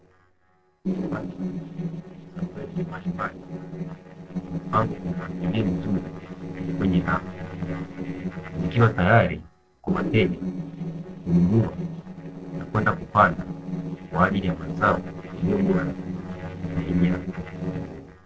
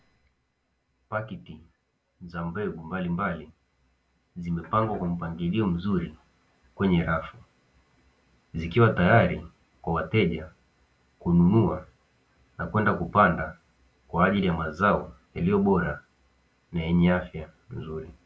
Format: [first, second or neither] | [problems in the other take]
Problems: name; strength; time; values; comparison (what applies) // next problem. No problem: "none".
second | noise reduction (neural separator model SepFormer DNS4)